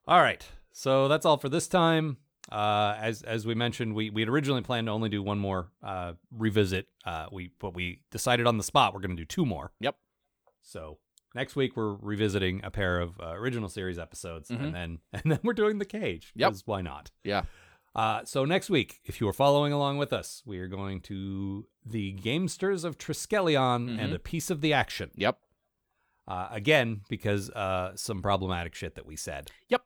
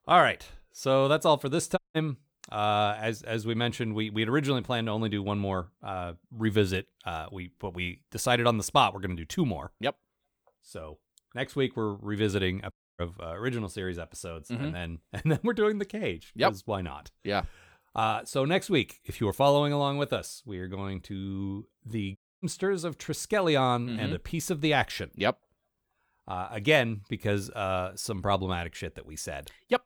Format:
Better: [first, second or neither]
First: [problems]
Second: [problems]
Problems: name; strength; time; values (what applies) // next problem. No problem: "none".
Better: first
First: none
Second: audio cutting out; at 2 s, at 13 s and at 22 s